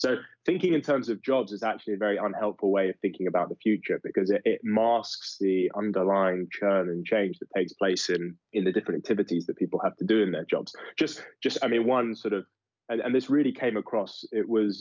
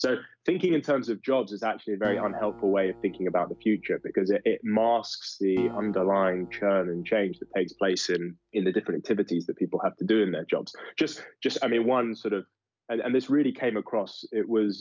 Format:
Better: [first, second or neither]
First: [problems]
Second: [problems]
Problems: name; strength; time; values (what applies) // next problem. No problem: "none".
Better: first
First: none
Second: background sound (Acoustic guitar); 18 dB below the speech